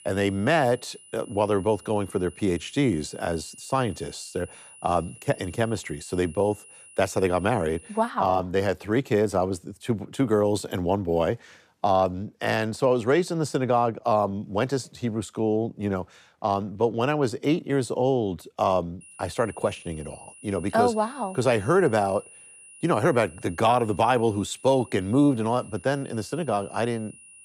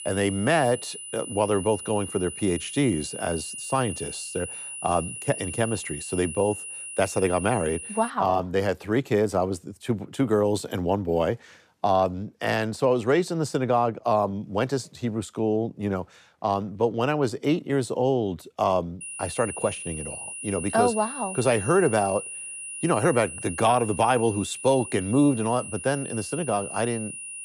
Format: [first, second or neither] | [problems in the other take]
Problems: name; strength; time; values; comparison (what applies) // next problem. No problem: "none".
first | high-pitched whine; loud; until 8 s and from 19 s on; 10 kHz, 9 dB below the speech; faint in the first